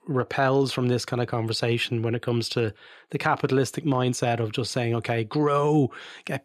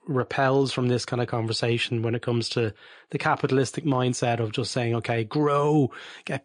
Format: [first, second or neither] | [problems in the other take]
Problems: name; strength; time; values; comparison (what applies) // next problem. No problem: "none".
first | garbled, watery; slightly; nothing above 9 kHz